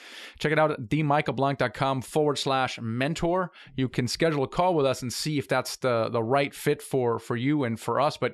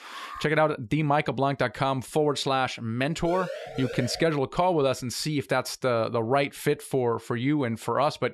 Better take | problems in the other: first | alarm; faint; at the start; peak 15 dB below the speech // siren; noticeable; at 3.5 s; peak 9 dB below the speech

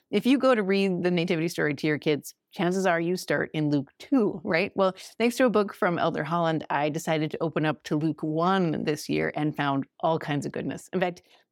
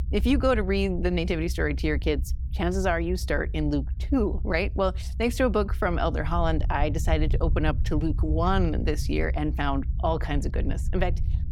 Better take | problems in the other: first | low rumble; noticeable; throughout; 20 dB below the speech

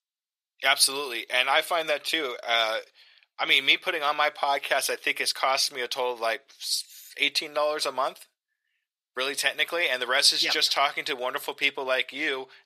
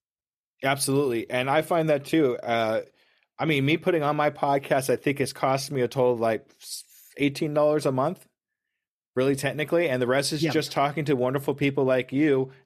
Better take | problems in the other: second | thin; very; fading below 950 Hz

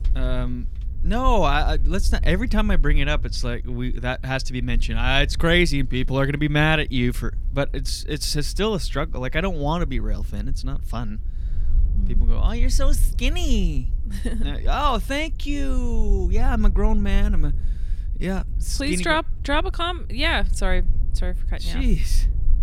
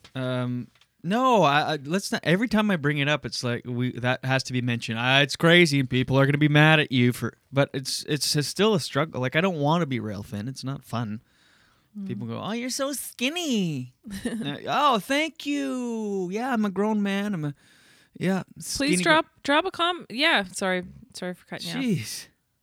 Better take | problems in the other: second | low rumble; faint; throughout; 25 dB below the speech

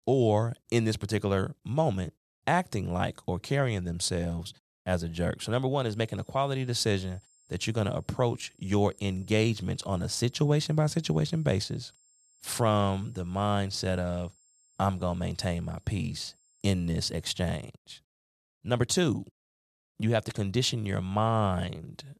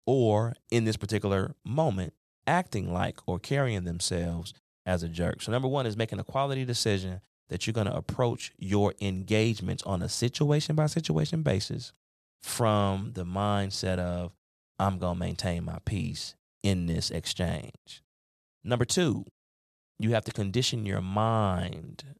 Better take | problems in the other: second | high-pitched whine; faint; from 6 to 18 s; 7.5 kHz, 35 dB below the speech

